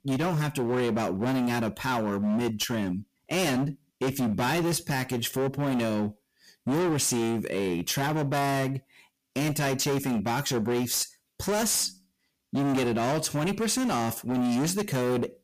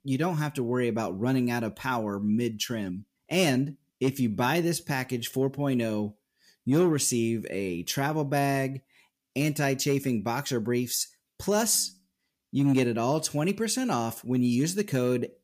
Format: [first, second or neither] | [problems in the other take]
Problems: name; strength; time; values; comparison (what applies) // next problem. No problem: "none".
second | distortion; heavy; 26% of the sound clipped